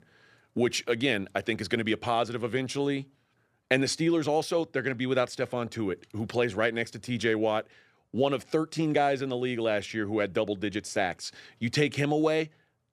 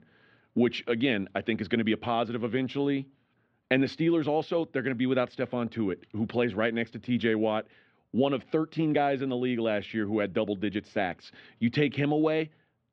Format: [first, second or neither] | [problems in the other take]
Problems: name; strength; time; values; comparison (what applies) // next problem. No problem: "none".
first | muffled; slightly; fading above 3.5 kHz